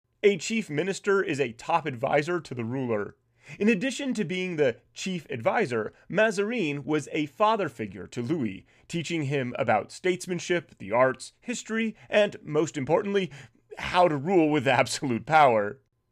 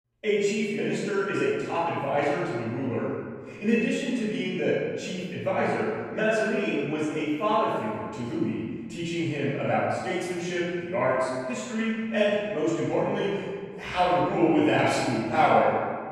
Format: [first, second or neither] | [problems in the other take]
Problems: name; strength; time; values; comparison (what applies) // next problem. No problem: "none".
first | room echo; strong; dies away in 1.5 s // off-mic speech; far